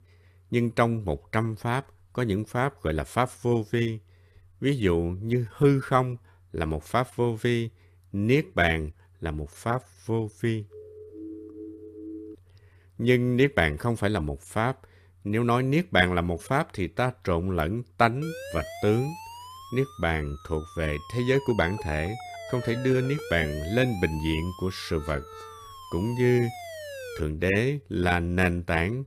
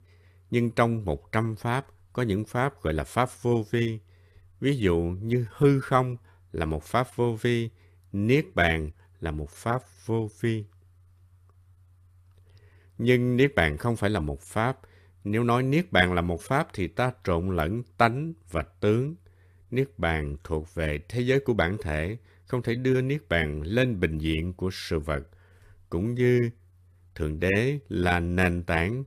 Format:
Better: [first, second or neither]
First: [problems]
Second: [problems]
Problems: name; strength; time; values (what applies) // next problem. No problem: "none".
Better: second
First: siren; faint; from 11 to 12 s and from 18 to 27 s; peak 10 dB below the speech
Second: none